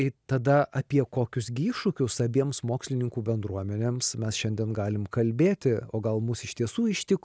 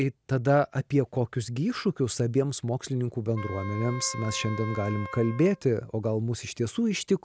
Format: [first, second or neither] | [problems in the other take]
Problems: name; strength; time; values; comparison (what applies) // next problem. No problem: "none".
first | background sound (Wind instrument, woodwind instrument); 12 dB below the speech